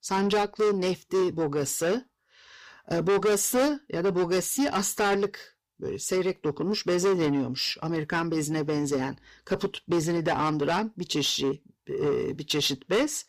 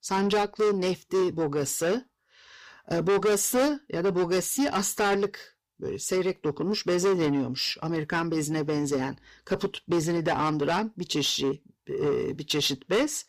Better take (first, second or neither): neither